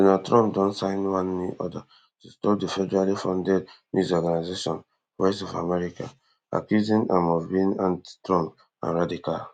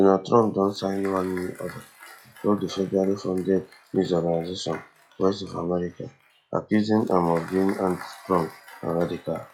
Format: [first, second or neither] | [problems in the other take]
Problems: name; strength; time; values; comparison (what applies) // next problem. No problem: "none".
first | noise reduction (classical method log-MMSE)